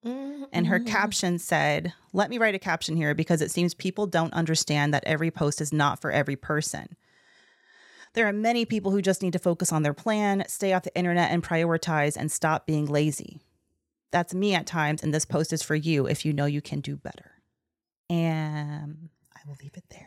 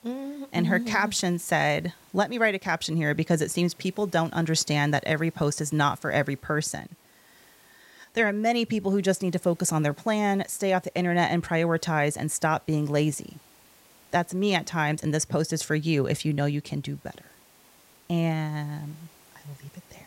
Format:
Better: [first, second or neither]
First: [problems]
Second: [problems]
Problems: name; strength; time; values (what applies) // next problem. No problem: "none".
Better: first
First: none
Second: hiss; faint; throughout; 30 dB below the speech